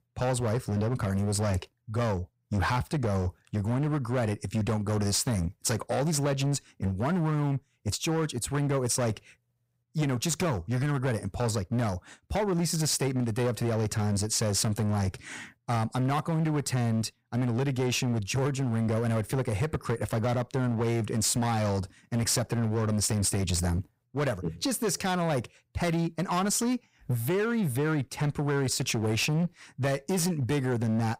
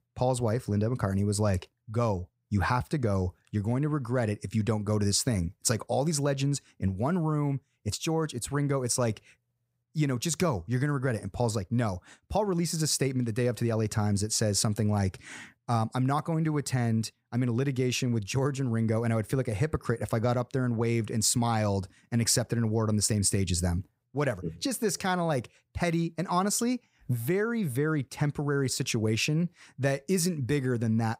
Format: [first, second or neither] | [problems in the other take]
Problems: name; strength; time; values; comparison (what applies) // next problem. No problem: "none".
second | distortion; slight; 18% of the sound clipped